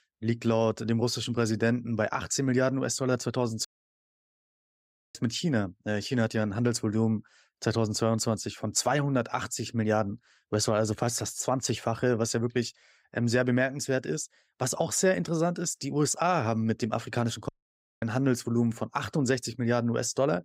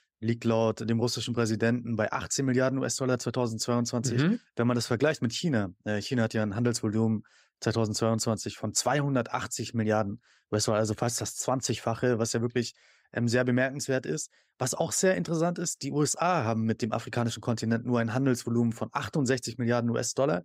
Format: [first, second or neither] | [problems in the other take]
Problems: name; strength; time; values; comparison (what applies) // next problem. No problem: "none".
second | audio cutting out; at 3.5 s for 1.5 s and at 17 s for 0.5 s